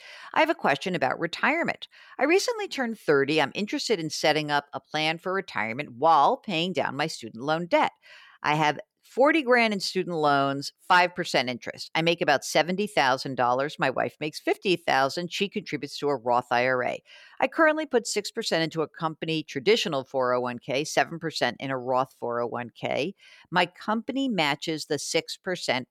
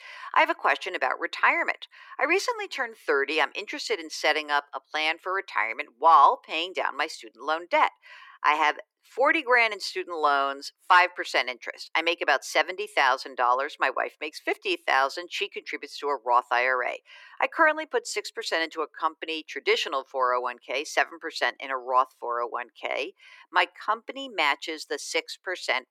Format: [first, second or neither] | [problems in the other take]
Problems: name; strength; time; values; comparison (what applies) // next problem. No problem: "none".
first | thin; very; fading below 350 Hz